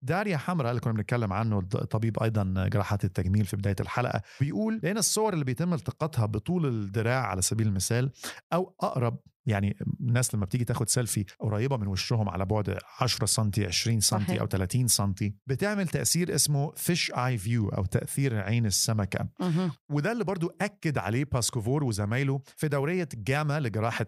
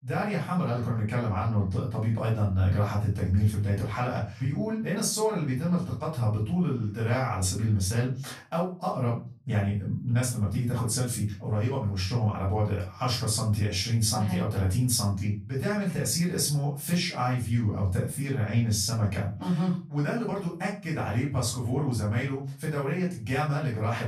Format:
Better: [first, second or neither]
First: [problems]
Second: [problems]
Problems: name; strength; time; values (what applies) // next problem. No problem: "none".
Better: first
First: none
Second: off-mic speech; far // room echo; slight; dies away in 0.3 s